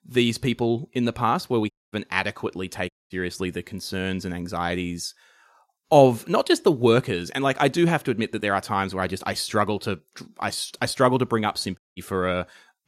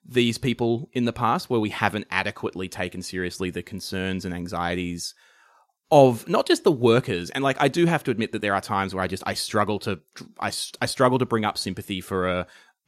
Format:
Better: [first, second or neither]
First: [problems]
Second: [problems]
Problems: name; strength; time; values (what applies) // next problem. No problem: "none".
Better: second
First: audio cutting out; at 1.5 s, at 3 s and at 12 s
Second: none